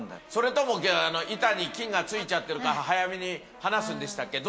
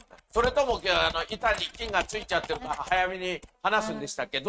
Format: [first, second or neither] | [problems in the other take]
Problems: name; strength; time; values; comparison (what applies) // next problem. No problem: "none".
first | noise reduction (neural mask model RNNoise)